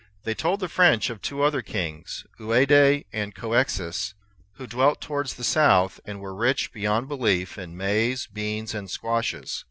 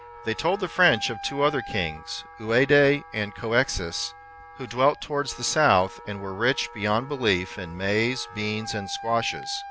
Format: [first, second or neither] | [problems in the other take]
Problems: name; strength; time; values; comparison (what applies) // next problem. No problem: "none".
first | background sound (Wind instrument, woodwind instrument); 16 dB below the speech